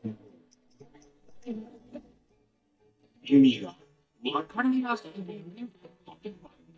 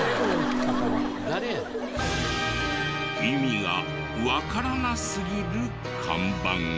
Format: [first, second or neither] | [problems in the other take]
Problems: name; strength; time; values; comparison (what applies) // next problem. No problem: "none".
second | noise reduction (neural mask model DeepFilterNet 3)